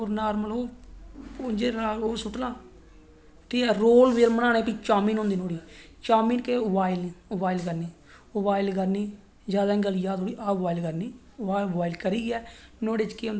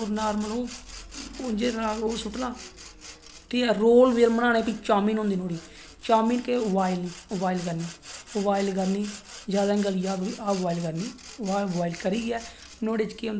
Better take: first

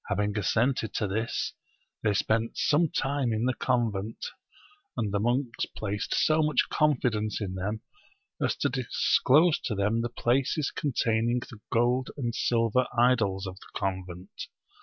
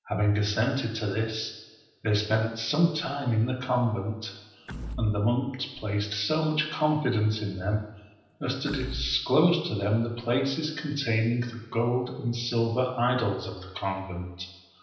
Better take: first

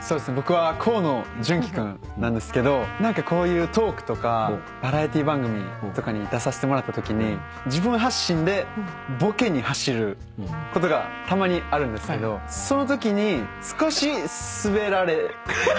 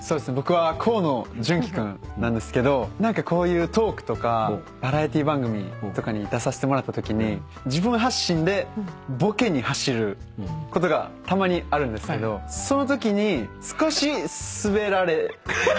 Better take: second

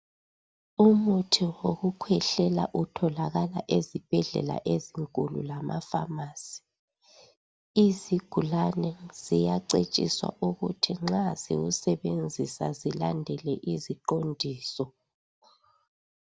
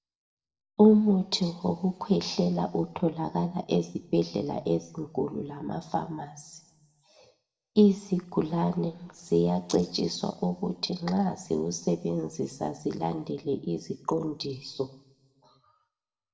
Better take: first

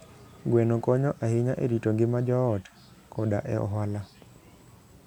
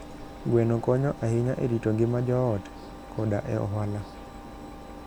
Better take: first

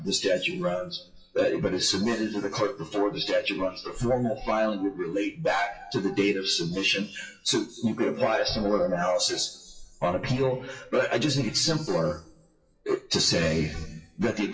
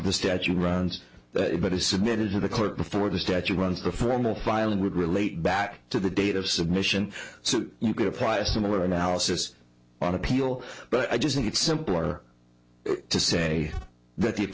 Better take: second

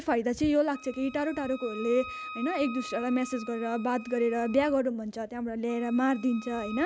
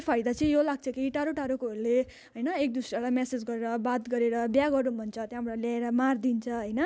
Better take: second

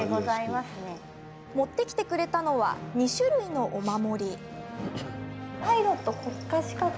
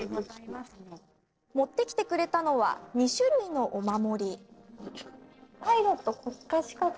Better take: first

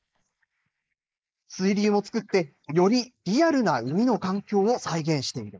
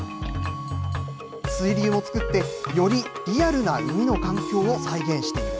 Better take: second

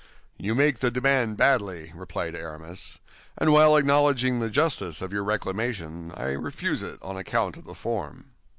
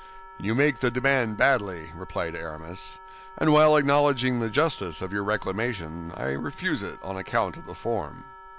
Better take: first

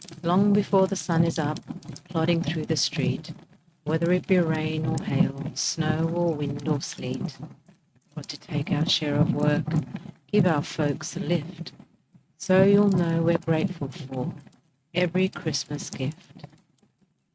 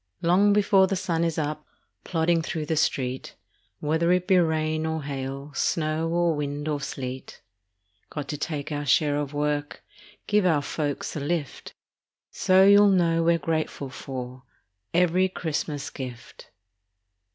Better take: second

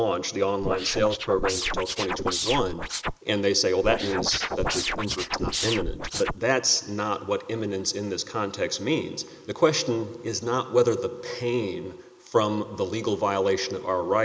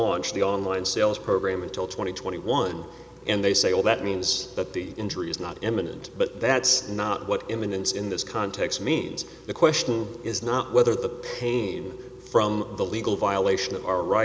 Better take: second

